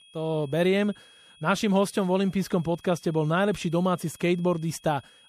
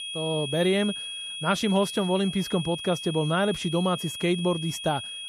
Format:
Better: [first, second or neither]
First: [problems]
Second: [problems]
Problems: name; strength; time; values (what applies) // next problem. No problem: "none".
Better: first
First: high-pitched whine; faint; throughout; 3.5 kHz, 25 dB below the speech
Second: high-pitched whine; loud; throughout; 3.5 kHz, 7 dB below the speech